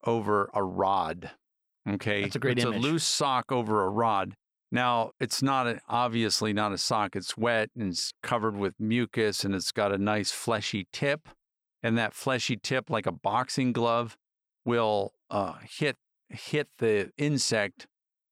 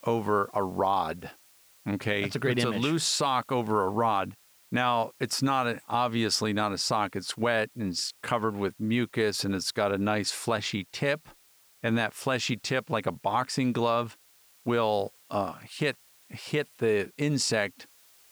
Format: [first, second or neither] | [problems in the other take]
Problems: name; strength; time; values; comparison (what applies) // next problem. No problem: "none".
first | hiss; faint; throughout; 30 dB below the speech